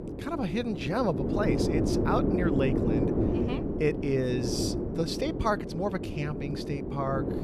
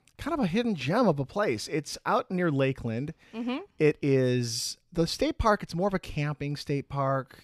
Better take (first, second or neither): second